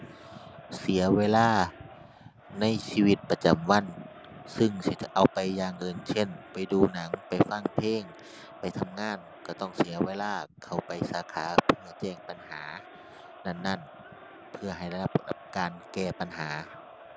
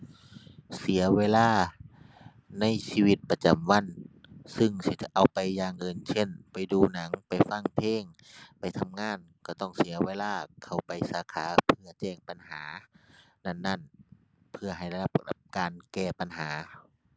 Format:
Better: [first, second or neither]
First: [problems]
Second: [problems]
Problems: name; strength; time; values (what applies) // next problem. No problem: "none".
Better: second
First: background sound (Crowd); 19 dB below the speech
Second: none